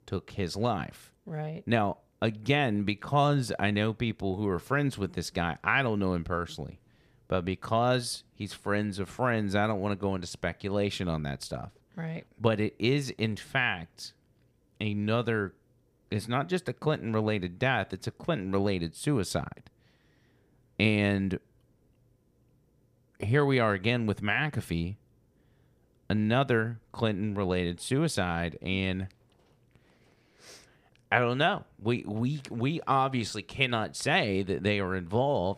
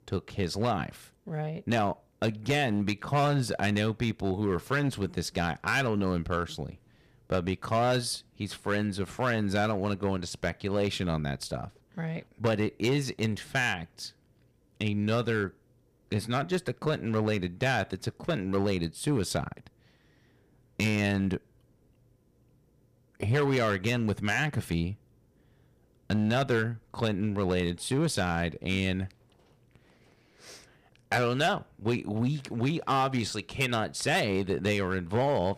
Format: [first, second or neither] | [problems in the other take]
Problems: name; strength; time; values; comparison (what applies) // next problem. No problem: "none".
first | distortion; slight; 5% of the sound clipped